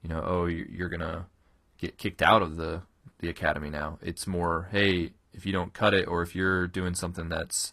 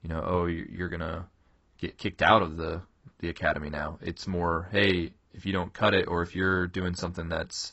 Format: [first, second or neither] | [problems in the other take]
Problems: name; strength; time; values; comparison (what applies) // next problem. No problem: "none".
first | garbled, watery; badly; nothing above 8 kHz; slightly in the first